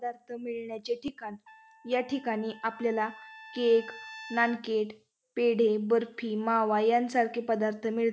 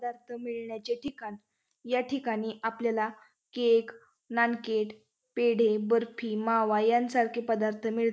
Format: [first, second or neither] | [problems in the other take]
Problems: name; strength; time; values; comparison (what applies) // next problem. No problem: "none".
second | background sound (Trumpet); 19 dB below the speech